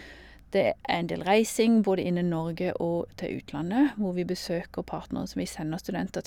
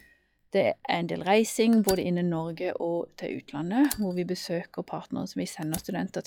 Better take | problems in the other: first | noise reduction (classical method log-MMSE)

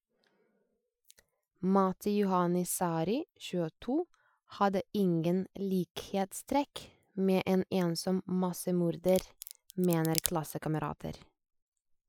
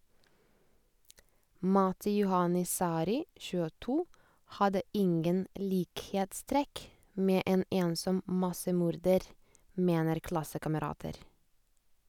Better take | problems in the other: second | noise reduction (classical method Wiener filter)

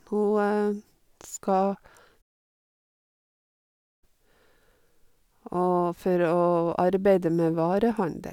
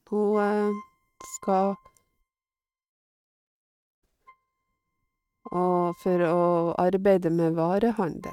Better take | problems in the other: first | noise reduction (neural mask model RNNoise)

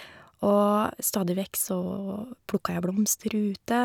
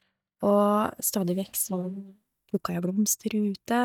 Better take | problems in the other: first | noise reduction (neural mask model DeepFilterNet 3)

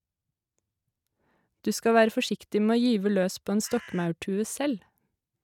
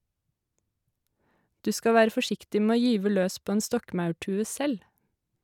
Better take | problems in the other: second | noise reduction (neural mask model RNNoise)

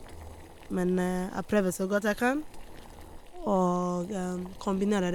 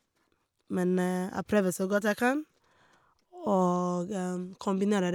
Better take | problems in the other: second | background sound (Boiling); 15 dB below the speech

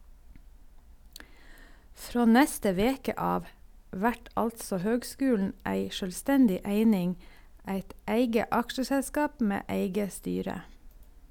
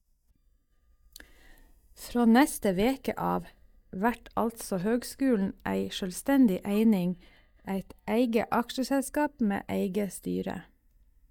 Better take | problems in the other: first | noise reduction (neural mask model DeepFilterNet 3)

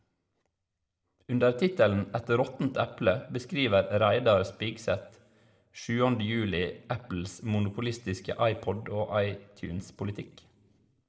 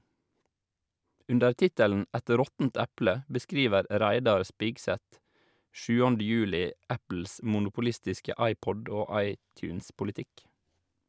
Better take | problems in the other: second | room echo; dies away in 0.8 s

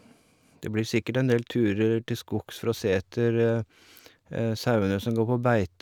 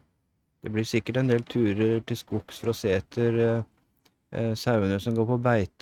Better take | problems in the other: first | noise reduction (neural mask model RNNoise)

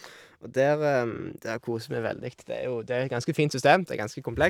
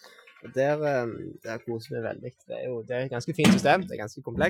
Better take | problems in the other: first | noise reduction (classical method Wiener filter)

